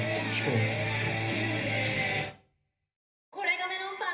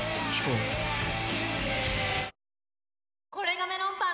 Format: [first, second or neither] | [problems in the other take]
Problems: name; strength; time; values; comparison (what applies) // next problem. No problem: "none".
second | room echo; dies away in 0.3 s